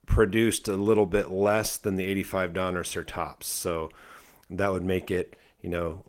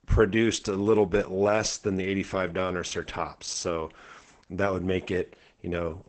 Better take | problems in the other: first | garbled, watery; badly; nothing above 8 kHz; slightly in the first

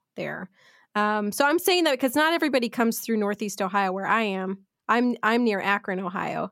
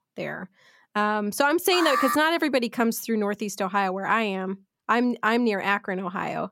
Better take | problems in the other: first | alarm; noticeable; at 1.5 s; peak level with the speech

